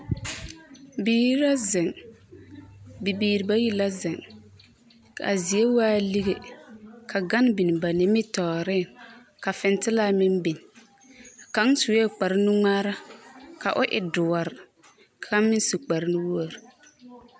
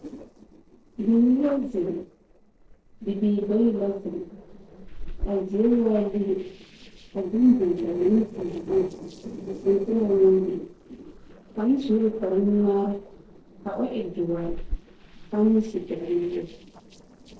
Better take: first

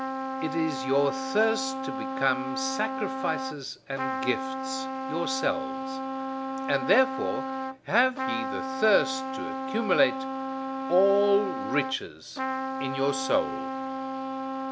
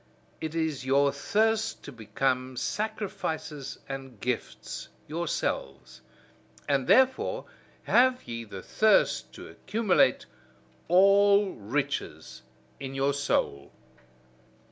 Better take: second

